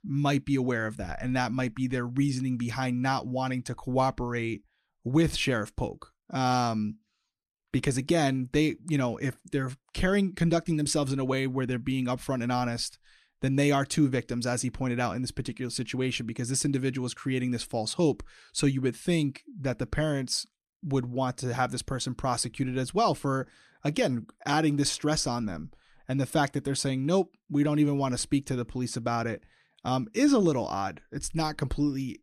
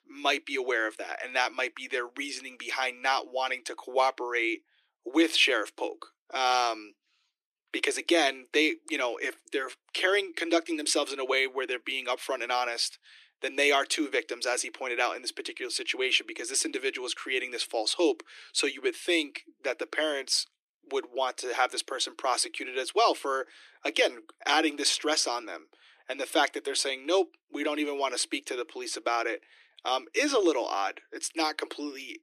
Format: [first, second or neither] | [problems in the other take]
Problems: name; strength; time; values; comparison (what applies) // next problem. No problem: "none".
first | thin; very; fading below 300 Hz